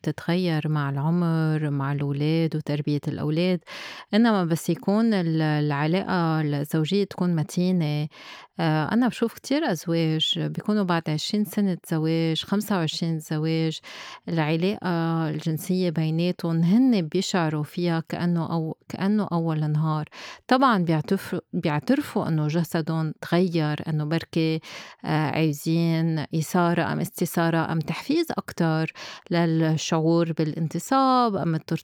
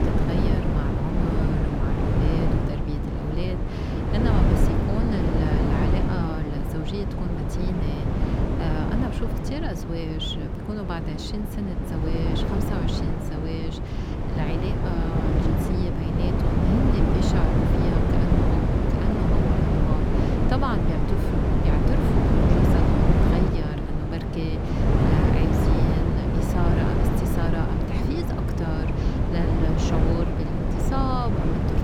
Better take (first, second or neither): first